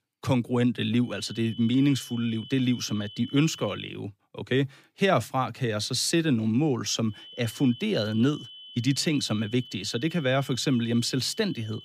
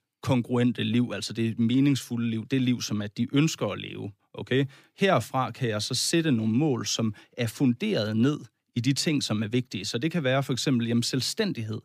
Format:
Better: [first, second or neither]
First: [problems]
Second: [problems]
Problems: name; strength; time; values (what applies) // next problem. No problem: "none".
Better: second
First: high-pitched whine; noticeable; from 1 to 4 s and from 7 s on; 3 kHz, 15 dB below the speech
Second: none